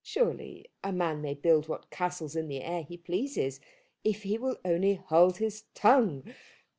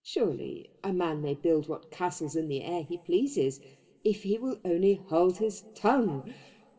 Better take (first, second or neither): first